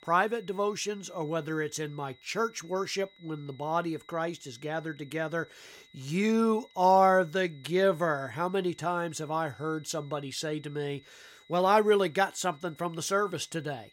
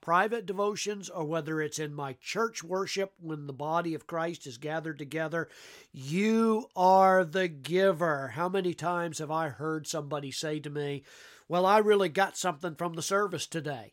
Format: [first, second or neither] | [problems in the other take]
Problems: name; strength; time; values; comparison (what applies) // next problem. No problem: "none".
second | high-pitched whine; faint; throughout; 4 kHz, 30 dB below the speech